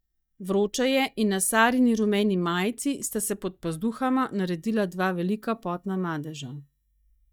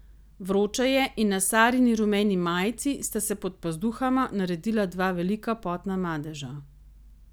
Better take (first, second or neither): second